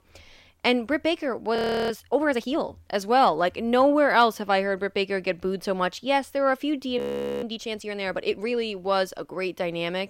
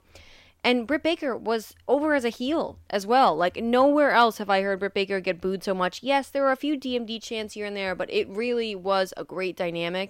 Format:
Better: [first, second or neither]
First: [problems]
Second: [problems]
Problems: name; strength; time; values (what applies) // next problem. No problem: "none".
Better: second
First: audio freezing; at 1.5 s and at 7 s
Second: none